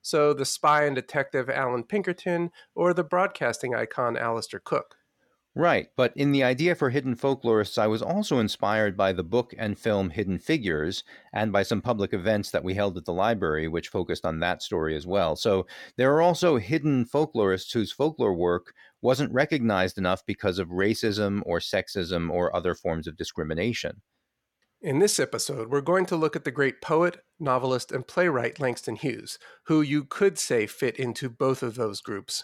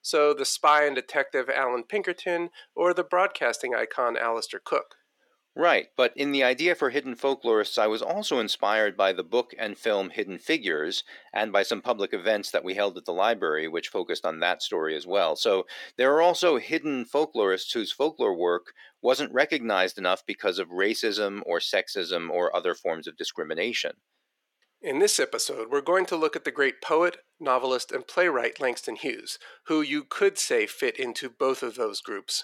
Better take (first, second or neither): first